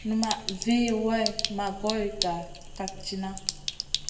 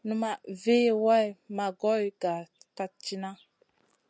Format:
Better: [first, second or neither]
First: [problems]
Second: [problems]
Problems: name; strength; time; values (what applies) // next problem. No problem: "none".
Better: second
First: background sound (Sink (filling or washing)); 6 dB below the speech // room echo; dies away in 0.8 s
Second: none